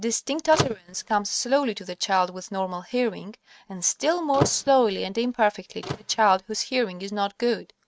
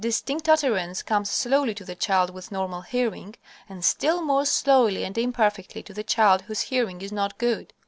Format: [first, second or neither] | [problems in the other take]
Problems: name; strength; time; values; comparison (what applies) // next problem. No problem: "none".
second | noise reduction (neural mask model RNNoise)